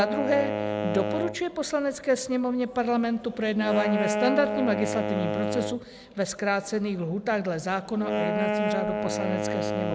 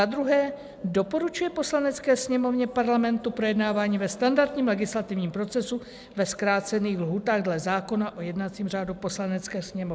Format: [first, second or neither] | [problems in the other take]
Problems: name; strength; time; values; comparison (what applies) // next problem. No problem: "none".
second | background sound (Wind instrument, woodwind instrument); 2 dB below the speech